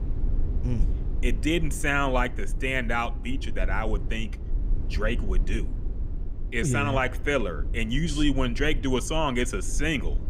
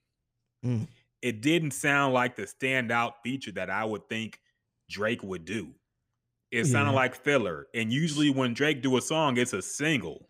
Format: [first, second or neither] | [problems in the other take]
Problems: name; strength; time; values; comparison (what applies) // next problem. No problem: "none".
second | low rumble; noticeable; throughout; 20 dB below the speech